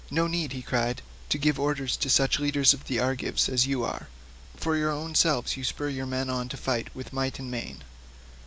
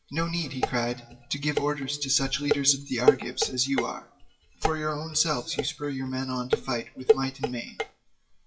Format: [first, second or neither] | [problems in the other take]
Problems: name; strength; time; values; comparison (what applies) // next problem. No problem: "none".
first | noise reduction (classical method WPE with log-MMSE)